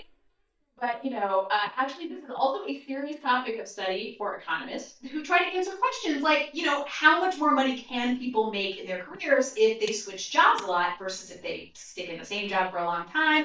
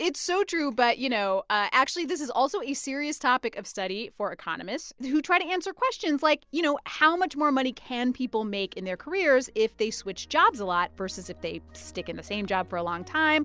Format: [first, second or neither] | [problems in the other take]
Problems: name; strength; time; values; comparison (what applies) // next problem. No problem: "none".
second | noise reduction (neural mask model DeepFilterNet 3)